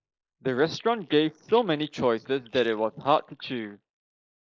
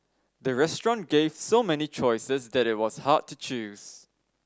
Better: second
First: noise reduction (neural mask model Resemble Enhance denoiser)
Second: none

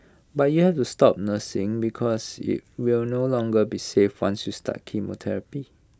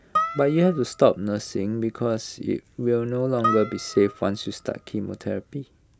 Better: first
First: none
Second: background sound (Harp); 8 dB below the speech

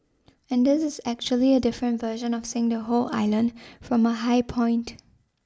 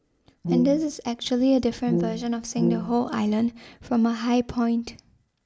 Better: first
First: none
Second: background sound (Brass instrument); 4 dB below the speech

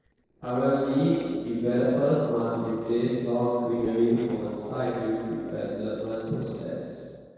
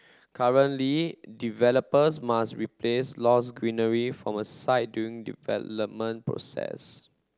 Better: second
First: noise reduction (neural separator model SepFormer DNS4)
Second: none

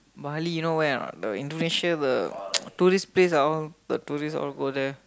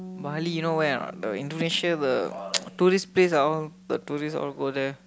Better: first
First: none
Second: background sound (Bass guitar); 18 dB below the speech

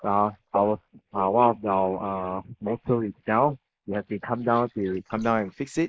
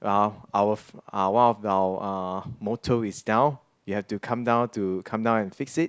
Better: second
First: noise reduction (neural mask model Resemble Enhance denoiser)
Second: none

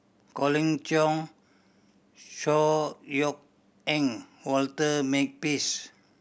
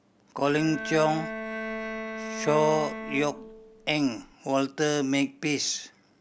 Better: first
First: none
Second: background sound (Bowed string instrument); 8 dB below the speech

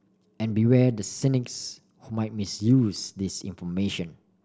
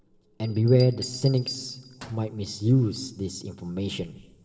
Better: first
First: none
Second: background sound (Bell); 18 dB below the speech // room echo; dies away in 2.4 s

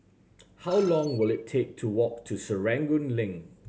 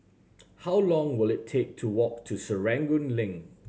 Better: second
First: background sound (Screech); 18 dB below the speech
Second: none

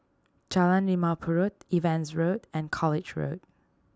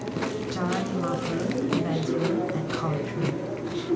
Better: first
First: none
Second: background sound (Chewing, mastication); 3 dB above the speech // room echo; dies away in 0.3 s

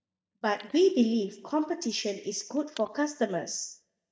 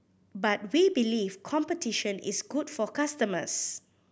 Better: second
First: noise reduction (neural mask model DeepFilterNet 3)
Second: none

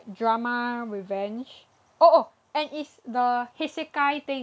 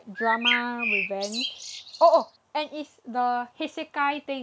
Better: first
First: none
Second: background sound (Bird); 3 dB below the speech

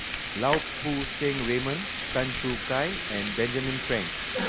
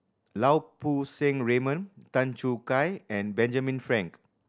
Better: second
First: background sound (Frying (food)); 2 dB below the speech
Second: none

